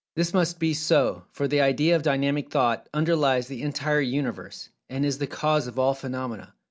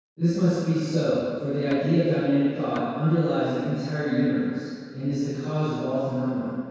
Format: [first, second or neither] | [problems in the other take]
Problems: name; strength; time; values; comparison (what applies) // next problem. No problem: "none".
first | background sound (Percussion); 16 dB below the speech // room echo; dies away in 2 s